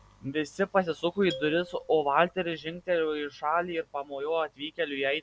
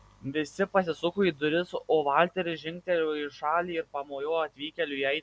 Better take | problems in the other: second | background sound (Marimba, xylophone); 17 dB below the speech

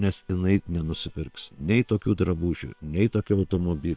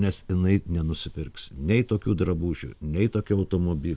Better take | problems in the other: second | noise reduction (neural separator model SepFormer WHAM!)

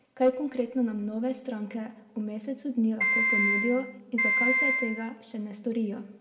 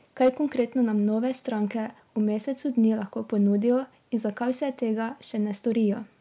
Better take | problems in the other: second | background sound (Piano); 4 dB above the speech // room echo; dies away in 1.2 s

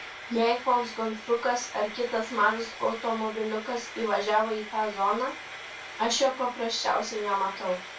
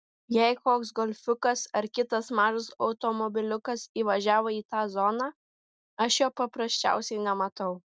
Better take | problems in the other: second | background sound (Frying (food)); 13 dB below the speech // room echo; dies away in 0.2 s

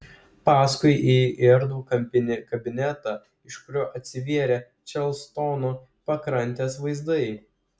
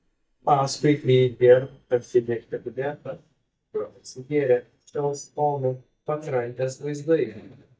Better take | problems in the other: first | noise reduction (neural mask model DeepFilterNet 3)

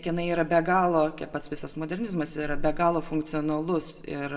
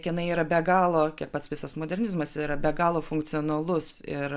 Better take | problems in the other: second | room echo; dies away in 0.8 s

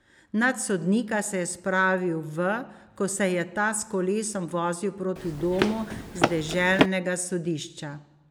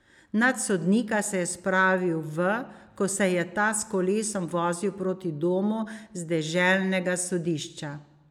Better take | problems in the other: second | background sound (Run); as loud as the speech

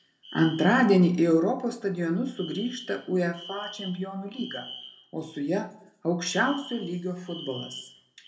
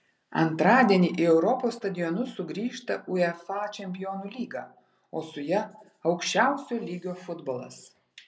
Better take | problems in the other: second | background sound (Alarm); 18 dB below the speech // room echo; dies away in 0.3 s

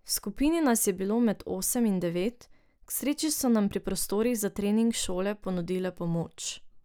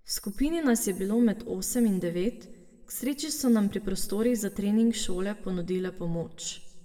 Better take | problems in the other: first | room echo; dies away in 1.4 s

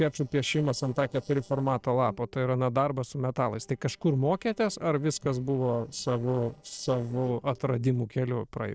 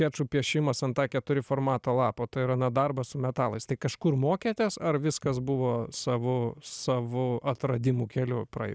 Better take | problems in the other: second | noise reduction (neural separator model SepFormer DNS4)

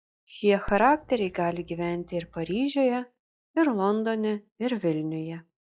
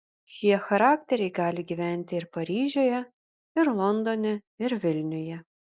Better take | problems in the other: second | noise reduction (classical method log-MMSE)

